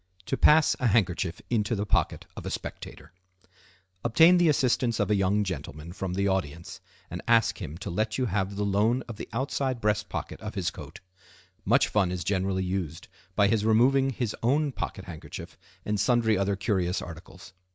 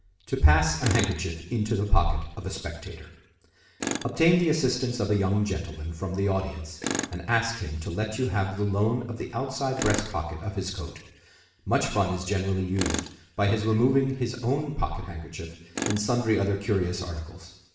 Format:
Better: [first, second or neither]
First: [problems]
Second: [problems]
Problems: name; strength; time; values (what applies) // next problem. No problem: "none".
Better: first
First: none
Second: background sound (Tools); 12 dB below the speech // room echo; dies away in 0.9 s